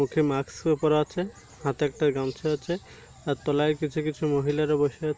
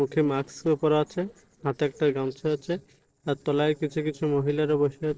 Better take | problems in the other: first | noise reduction (neural separator model SepFormer DNS4)

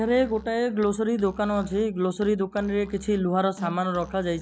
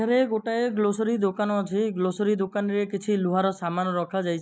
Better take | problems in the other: second | background sound (Musical instrument); 17 dB below the speech

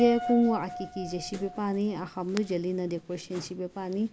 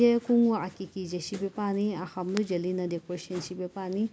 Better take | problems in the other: second | background sound (Piano); 11 dB below the speech

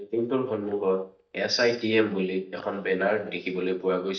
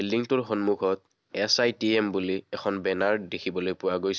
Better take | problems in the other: second | noise reduction (neural mask model DeepFilterNet 3)

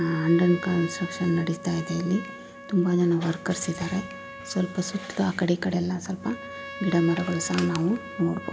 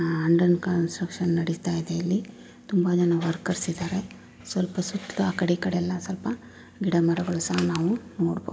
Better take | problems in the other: second | background sound (Trumpet); 15 dB below the speech

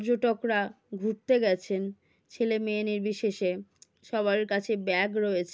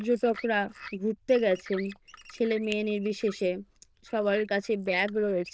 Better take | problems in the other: first | noise reduction (neural diffusion model UNIVERSE++)

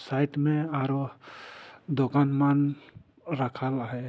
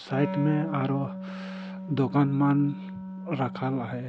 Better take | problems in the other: first | background sound (Wind instrument, woodwind instrument); 9 dB below the speech

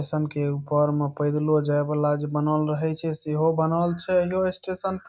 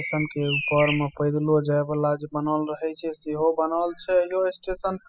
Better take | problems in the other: first | noise reduction (classical method spectral subtraction)

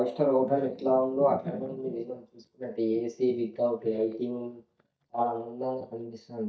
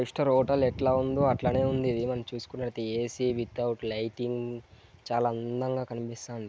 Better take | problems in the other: second | noise reduction (neural mask model DeepFilterNet 3)

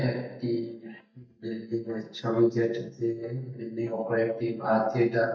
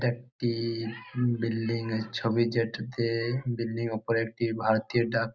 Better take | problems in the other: second | noise reduction (neural mask model DeepFilterNet 3)

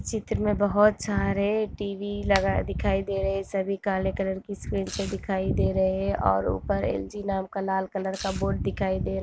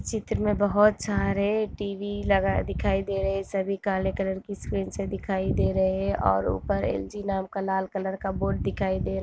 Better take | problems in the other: second | background sound (Finger snapping + Domestic sounds, home sounds); 16 dB below the speech

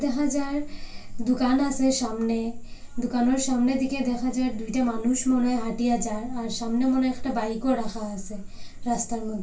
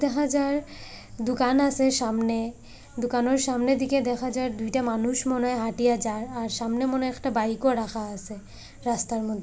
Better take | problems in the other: second | room echo; dies away in 0.2 s

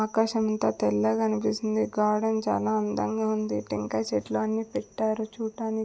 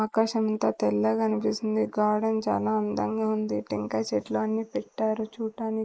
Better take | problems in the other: first | noise reduction (neural mask model Resemble Enhance denoiser)

